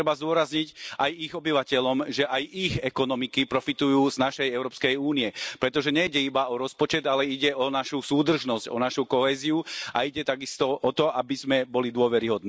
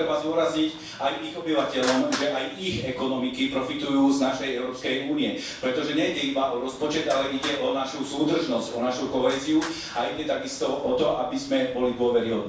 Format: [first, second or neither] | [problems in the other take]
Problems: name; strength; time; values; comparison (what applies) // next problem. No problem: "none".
first | background sound (Traffic noise, roadway noise); 16 dB below the speech // room echo; dies away in 0.7 s